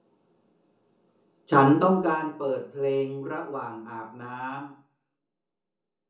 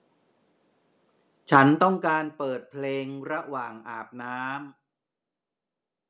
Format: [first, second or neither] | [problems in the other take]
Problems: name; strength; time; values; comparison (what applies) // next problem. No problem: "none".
second | room echo; dies away in 0.6 s